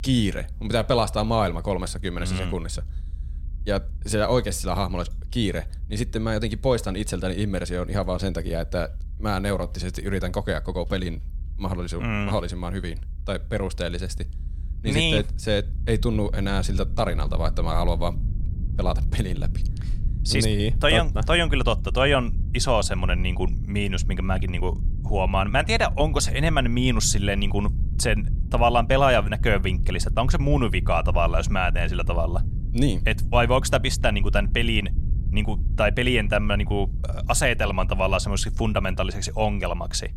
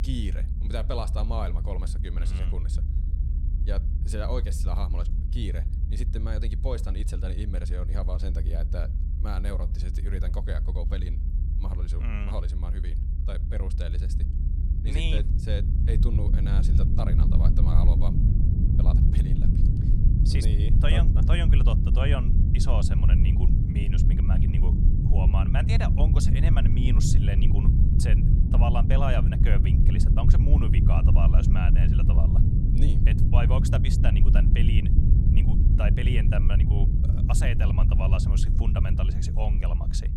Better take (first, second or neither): first